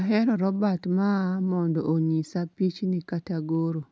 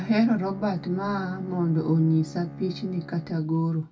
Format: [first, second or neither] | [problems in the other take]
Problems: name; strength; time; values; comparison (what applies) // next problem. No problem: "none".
first | background sound (Bowed string instrument); 15 dB below the speech // room echo; dies away in 0.1 s